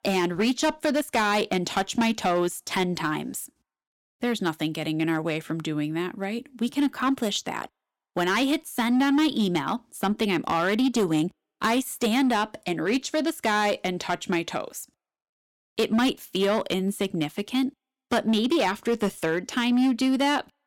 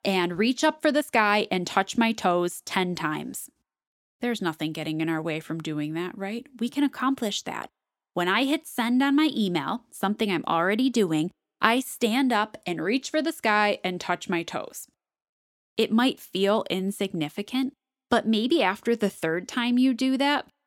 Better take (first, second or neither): second